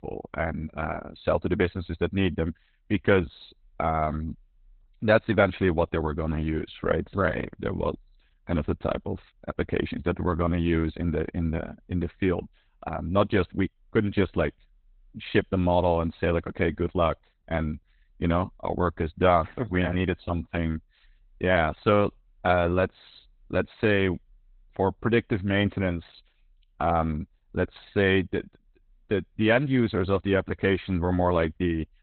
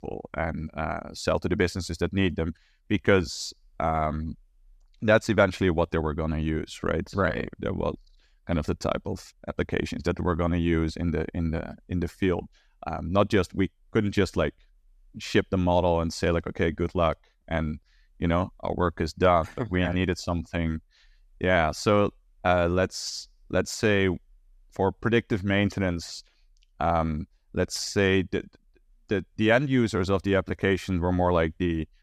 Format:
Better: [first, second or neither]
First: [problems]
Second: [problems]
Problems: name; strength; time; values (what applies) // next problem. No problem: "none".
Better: second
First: garbled, watery; badly; nothing above 4 kHz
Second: none